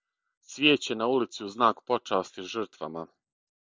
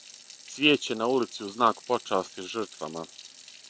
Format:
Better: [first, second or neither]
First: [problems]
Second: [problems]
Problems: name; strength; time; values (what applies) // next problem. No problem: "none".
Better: first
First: none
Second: background sound (Sink (filling or washing) / Water tap, faucet); 19 dB below the speech